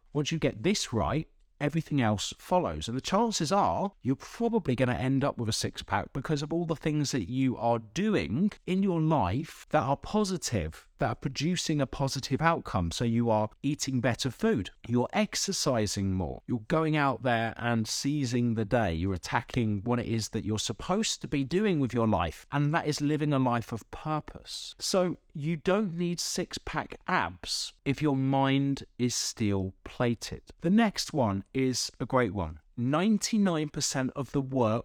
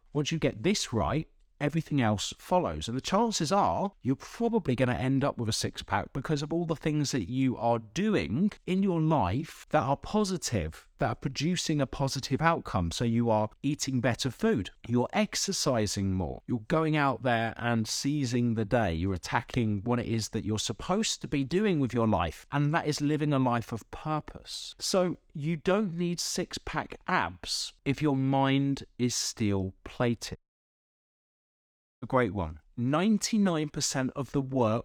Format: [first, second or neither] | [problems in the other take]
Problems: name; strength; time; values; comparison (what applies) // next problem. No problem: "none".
first | audio cutting out; at 30 s for 1.5 s